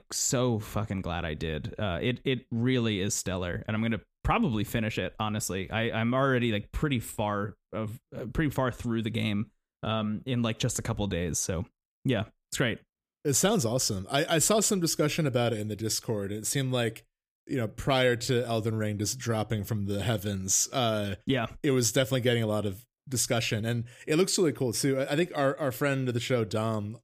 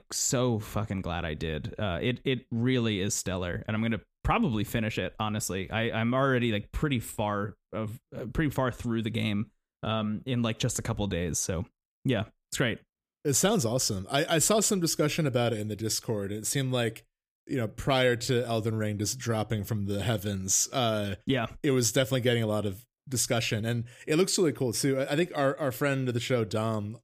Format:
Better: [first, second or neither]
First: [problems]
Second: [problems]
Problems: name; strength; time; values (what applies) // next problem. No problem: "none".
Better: neither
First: none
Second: none